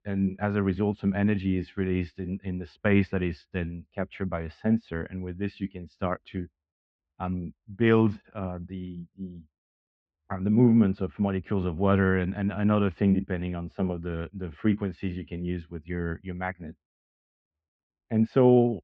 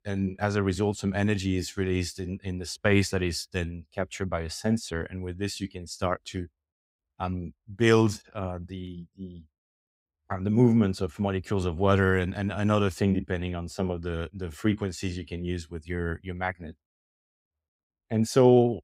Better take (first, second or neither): second